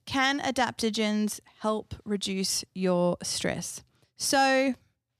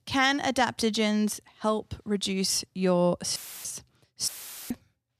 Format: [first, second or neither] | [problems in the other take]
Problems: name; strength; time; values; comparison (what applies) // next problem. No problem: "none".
first | audio cutting out; filled with static; at 3.5 s and at 4.5 s